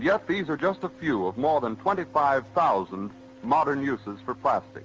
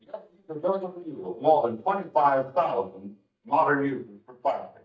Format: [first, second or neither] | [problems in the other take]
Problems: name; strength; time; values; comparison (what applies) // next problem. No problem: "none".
first | noise reduction (neural mask model DeepFilterNet 3)